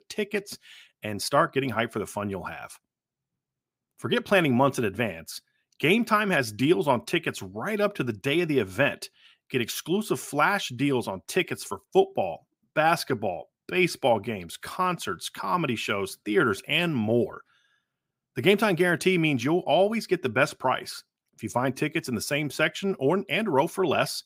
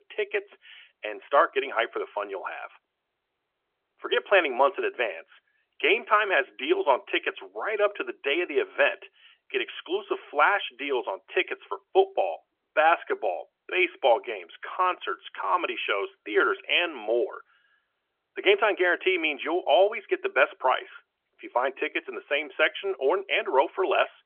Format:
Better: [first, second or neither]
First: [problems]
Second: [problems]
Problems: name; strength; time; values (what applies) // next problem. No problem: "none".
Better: first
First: none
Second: phone-call audio; nothing above 3.5 kHz